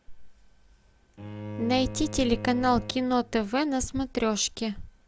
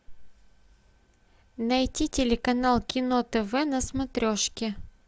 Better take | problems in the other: second | background sound (Bowed string instrument); 12 dB below the speech

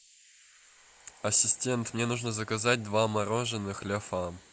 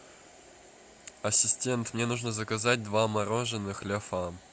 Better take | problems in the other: second | noise reduction (neural mask model Resemble Enhance denoiser)

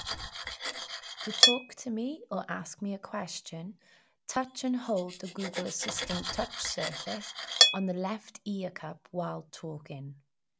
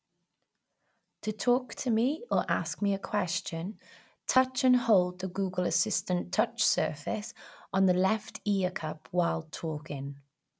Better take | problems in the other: second | background sound (Cutlery, silverware); 3 dB above the speech

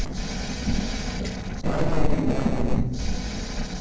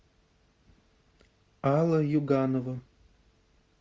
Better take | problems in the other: second | noise reduction (neural separator model SepFormer DNS4)

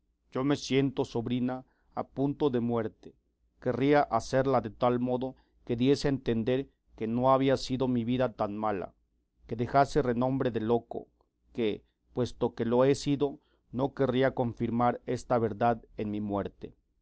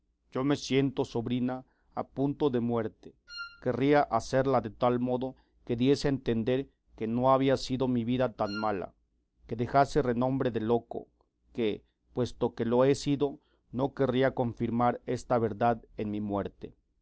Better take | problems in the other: first | background sound (Wind instrument, woodwind instrument); 16 dB below the speech

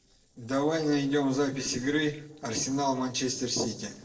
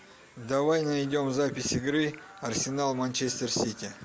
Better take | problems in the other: second | noise reduction (neural separator model SepFormer DNS4)

